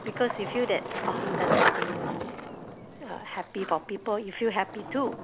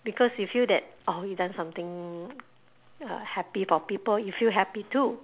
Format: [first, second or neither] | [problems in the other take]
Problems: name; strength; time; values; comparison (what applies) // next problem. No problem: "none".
second | background sound (Skateboard); as loud as the speech